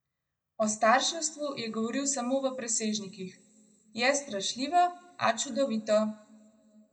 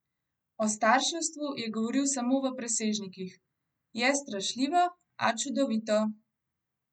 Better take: second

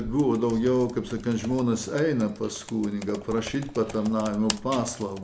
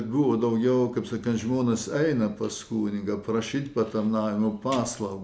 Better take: second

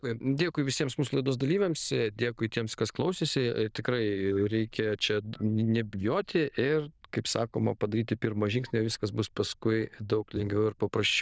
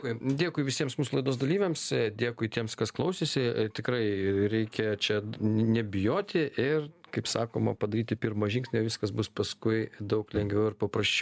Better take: second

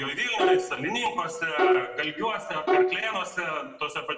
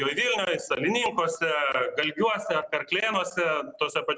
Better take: second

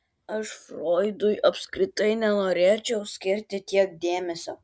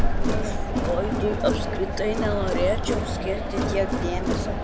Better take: first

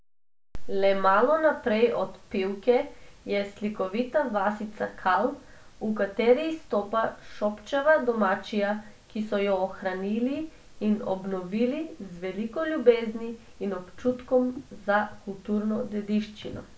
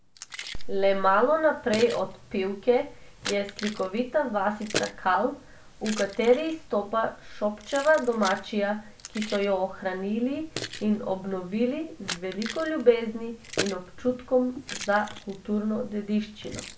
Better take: first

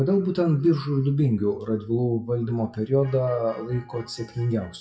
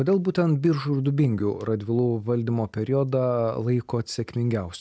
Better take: second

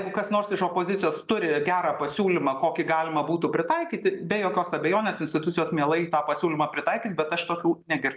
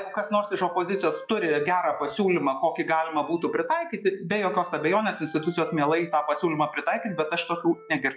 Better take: first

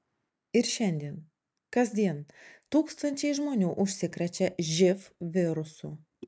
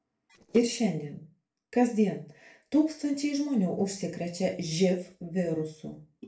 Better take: first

